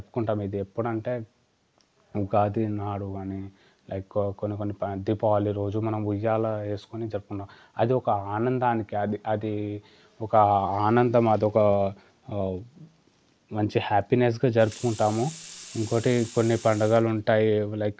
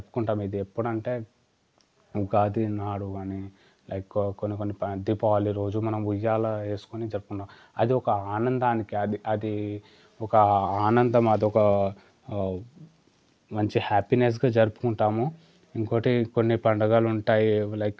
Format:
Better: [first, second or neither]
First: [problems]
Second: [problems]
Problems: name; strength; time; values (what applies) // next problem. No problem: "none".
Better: second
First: background sound (Sink (filling or washing) / Water tap, faucet); 18 dB below the speech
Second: none